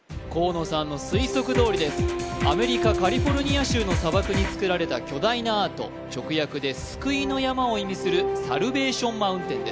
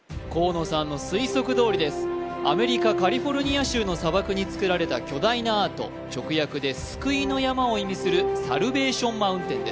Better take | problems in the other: second | background sound (Drum kit); 3 dB below the speech

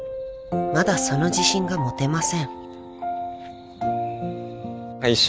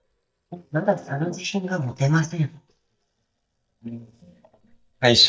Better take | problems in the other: first | noise reduction (neural mask model DeepFilterNet 3)

